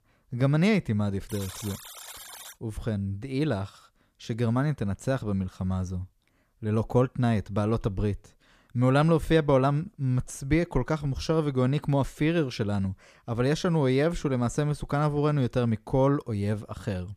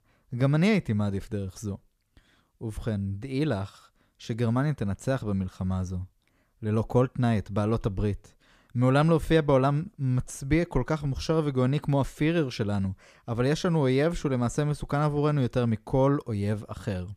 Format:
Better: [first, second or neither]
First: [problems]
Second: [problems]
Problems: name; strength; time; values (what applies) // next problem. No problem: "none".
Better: second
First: alarm; faint; from 1.5 to 2.5 s; peak 10 dB below the speech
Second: none